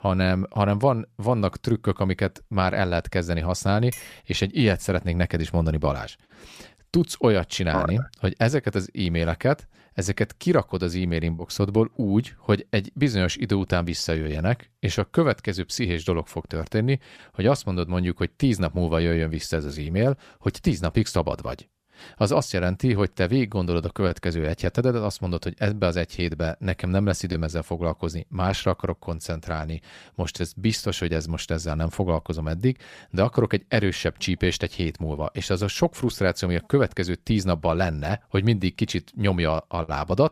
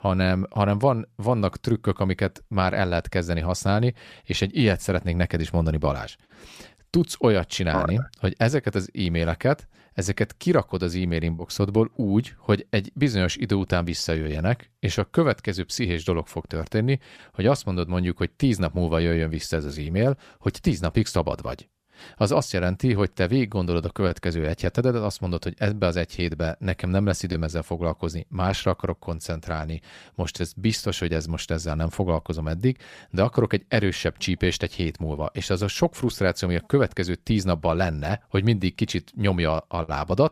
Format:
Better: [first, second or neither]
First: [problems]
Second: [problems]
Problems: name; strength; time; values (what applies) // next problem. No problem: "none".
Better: second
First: clattering dishes; faint; at 4 s; peak 15 dB below the speech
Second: none